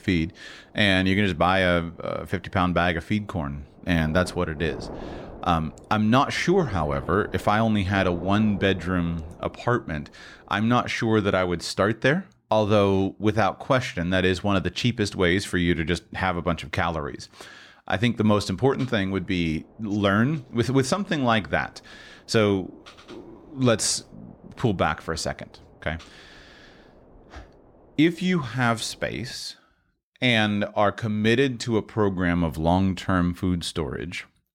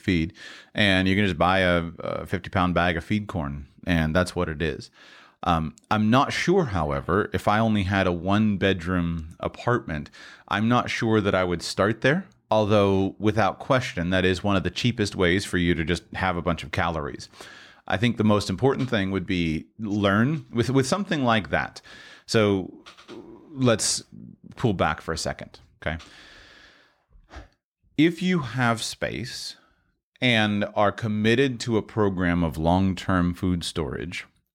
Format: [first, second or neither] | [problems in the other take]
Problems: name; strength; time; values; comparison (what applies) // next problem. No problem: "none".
second | wind noise on the microphone; occasional gusts; until 11 s and from 19 to 29 s; 25 dB below the speech